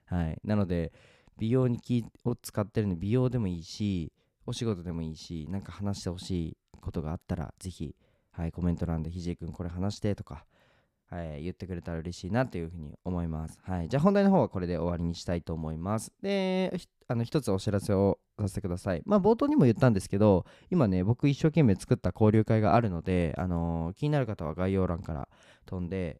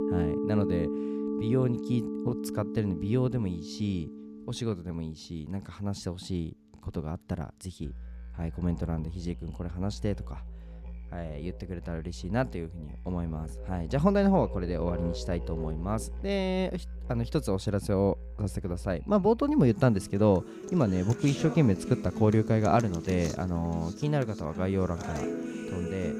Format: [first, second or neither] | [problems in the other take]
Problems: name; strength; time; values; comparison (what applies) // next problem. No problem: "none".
first | background music; loud; throughout; 9 dB below the speech